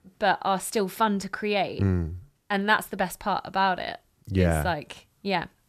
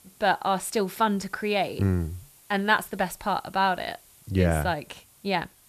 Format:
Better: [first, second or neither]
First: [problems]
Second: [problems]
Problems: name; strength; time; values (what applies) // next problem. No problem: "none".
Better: first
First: none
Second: hiss; faint; throughout; 25 dB below the speech